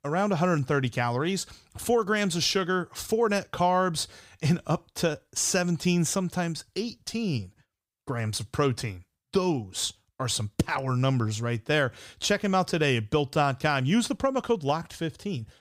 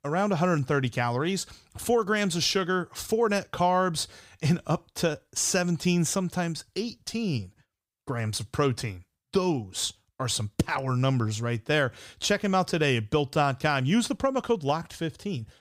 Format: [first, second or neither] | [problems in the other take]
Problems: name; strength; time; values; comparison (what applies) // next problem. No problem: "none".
neither | none